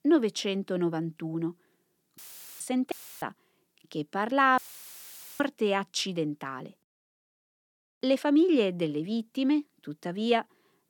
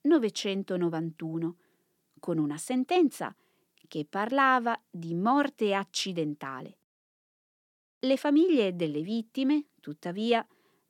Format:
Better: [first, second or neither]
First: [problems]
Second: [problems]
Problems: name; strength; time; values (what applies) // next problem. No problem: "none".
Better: second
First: audio cutting out; filled with static; at 2 s, at 3 s and at 4.5 s for 1 s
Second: none